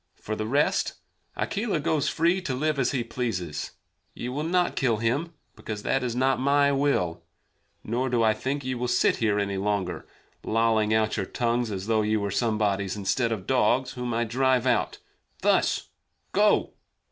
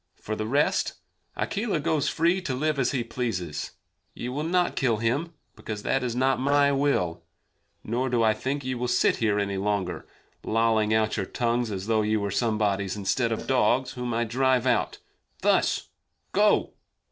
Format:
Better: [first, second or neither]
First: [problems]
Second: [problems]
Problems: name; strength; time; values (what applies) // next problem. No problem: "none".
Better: first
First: none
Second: noise reduction (neural separator model SepFormer DNS4)